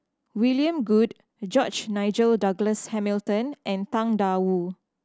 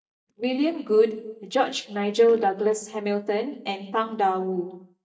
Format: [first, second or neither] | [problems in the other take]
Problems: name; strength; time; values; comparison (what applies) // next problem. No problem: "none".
first | noise reduction (neural mask model DeepFilterNet 3)